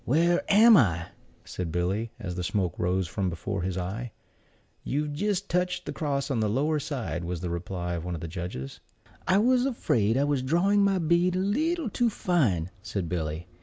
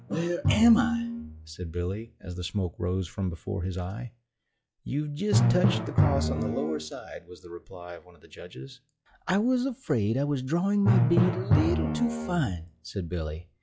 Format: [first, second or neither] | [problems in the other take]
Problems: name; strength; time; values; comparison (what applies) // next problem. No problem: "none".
first | noise reduction (classical method log-MMSE)